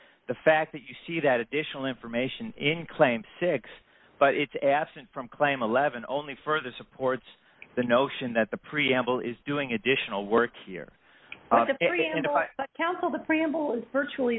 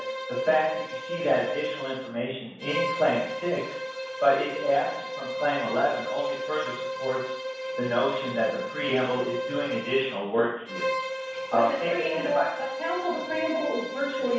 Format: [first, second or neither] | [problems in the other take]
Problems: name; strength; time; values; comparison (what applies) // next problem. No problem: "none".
first | background sound (Bowed string instrument); 5 dB below the speech // room echo; dies away in 0.7 s